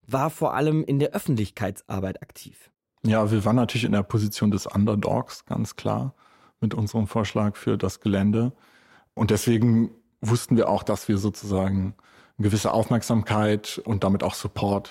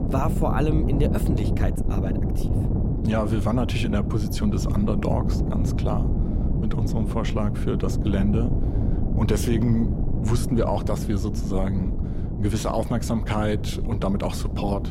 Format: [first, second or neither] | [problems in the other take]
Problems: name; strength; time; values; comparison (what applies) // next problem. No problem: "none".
first | wind noise on the microphone; heavy; 6 dB below the speech